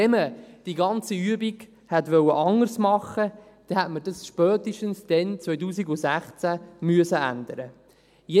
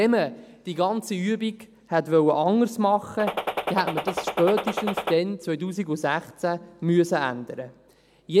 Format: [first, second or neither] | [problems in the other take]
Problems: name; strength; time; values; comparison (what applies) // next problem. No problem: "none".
first | background sound (Gunshot, gunfire); 4 dB below the speech